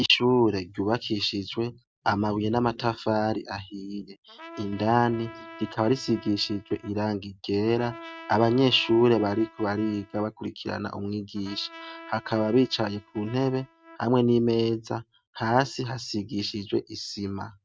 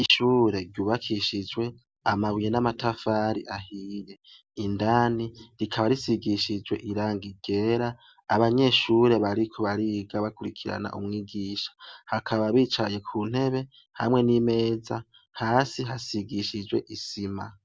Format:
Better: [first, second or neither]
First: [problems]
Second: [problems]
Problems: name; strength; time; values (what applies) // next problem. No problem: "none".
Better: second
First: noise reduction (neural mask model RNNoise)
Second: none